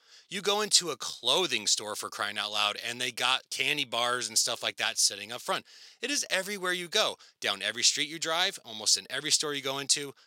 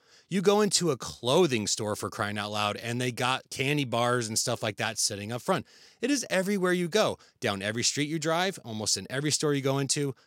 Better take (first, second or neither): second